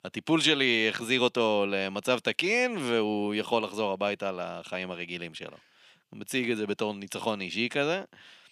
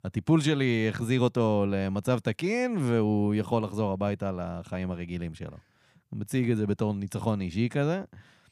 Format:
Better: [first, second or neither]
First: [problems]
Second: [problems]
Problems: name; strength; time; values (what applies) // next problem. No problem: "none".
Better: second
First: thin; somewhat; fading below 350 Hz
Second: none